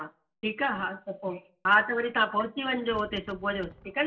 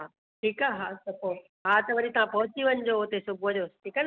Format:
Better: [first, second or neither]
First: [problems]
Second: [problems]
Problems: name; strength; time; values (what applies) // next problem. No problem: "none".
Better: second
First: background sound (Wind); 19 dB below the speech // room echo; dies away in 0.2 s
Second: none